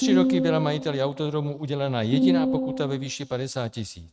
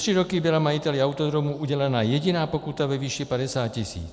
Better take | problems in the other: second | noise reduction (neural mask model RNNoise)

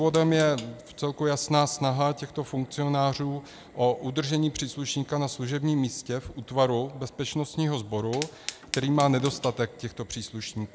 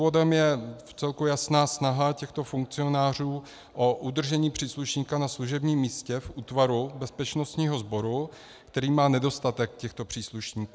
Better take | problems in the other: second | background sound (Fire); 18 dB below the speech

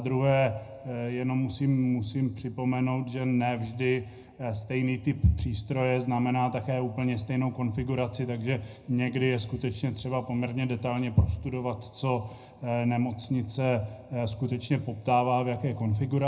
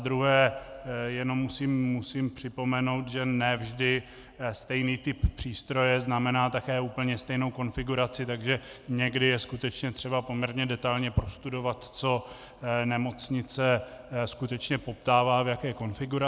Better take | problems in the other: second | room echo; dies away in 0.3 s

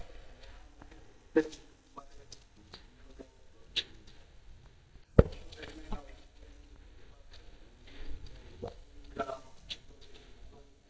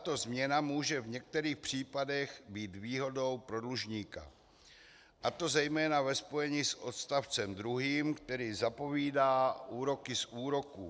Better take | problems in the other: second | noise reduction (neural mask model DeepFilterNet 3)

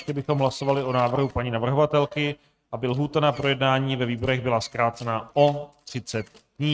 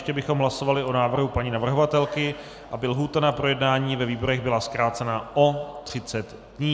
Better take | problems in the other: second | noise reduction (neural mask model RNNoise)

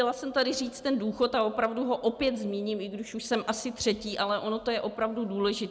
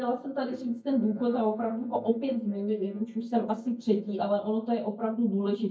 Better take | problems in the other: first | noise reduction (neural mask model DeepFilterNet 3)

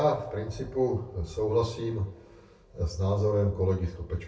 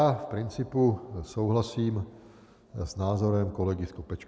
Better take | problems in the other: second | room echo; dies away in 0.3 s

